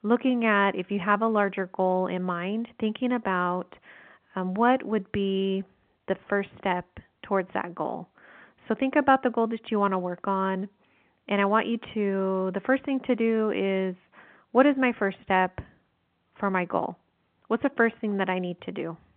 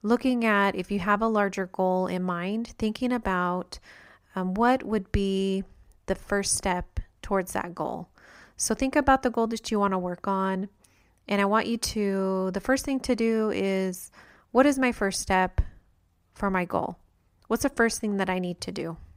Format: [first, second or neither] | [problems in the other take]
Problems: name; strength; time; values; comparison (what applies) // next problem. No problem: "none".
second | phone-call audio